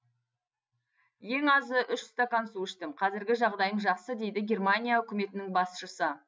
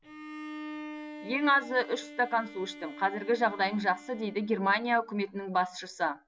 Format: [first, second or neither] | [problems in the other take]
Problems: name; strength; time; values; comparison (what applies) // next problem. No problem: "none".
first | background sound (Bowed string instrument); 15 dB below the speech